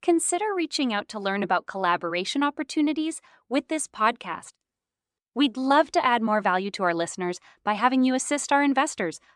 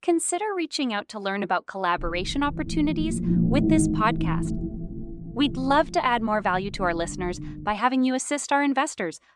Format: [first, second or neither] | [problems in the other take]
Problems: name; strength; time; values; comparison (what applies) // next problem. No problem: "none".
first | low rumble; loud; from 2 to 7.5 s; 9 dB below the speech